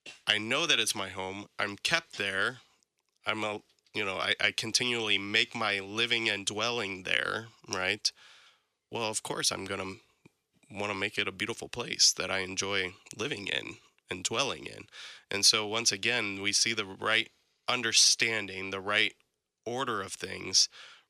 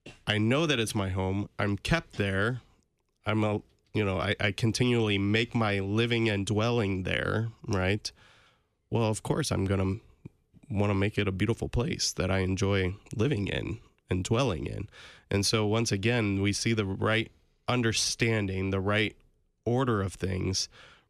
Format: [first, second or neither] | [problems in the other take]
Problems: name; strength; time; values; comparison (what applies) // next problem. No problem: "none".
second | thin; somewhat; fading below 1 kHz